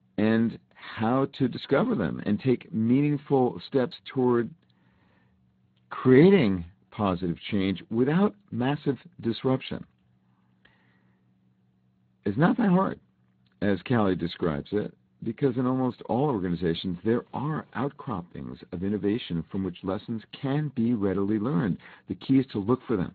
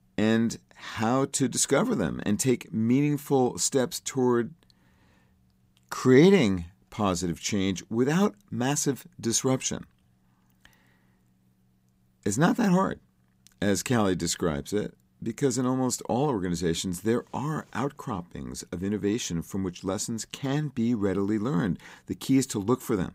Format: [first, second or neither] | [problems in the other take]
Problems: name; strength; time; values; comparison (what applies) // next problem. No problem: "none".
second | garbled, watery; badly; nothing above 4 kHz